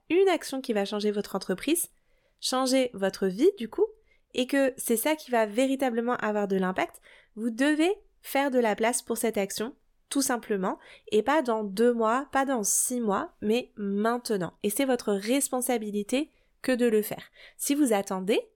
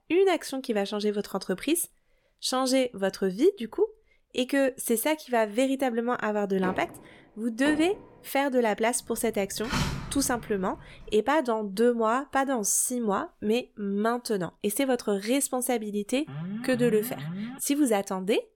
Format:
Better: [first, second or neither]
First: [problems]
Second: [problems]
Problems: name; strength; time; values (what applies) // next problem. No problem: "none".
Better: first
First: none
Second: door banging; faint; from 6.5 to 8 s; peak 10 dB below the speech // door banging; noticeable; from 9.5 to 11 s; peak 2 dB below the speech // alarm; noticeable; from 16 to 18 s; peak 8 dB below the speech